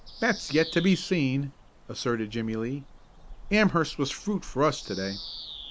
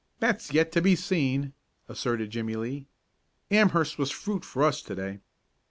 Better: second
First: background sound (Bird vocalization, bird call, bird song); 14 dB below the speech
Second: none

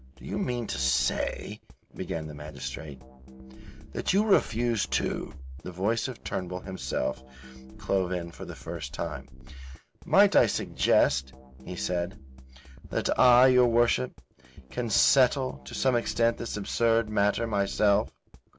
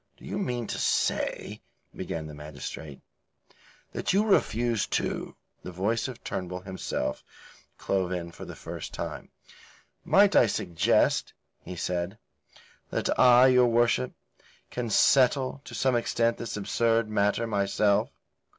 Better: second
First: background sound (Drum kit); 16 dB below the speech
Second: none

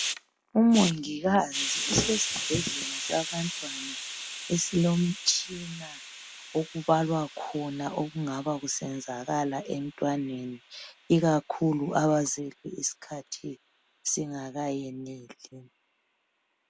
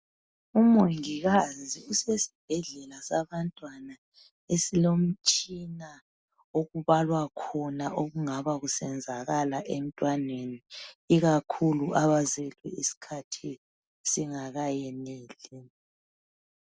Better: second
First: background sound (Thump, thud + Hiss); 9 dB below the speech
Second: none

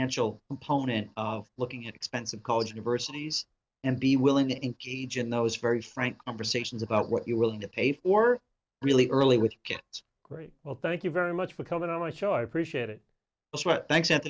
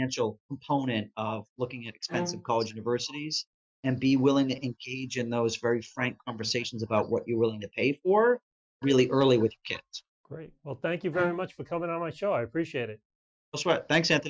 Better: first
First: none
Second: noise reduction (classical method Wiener filter)

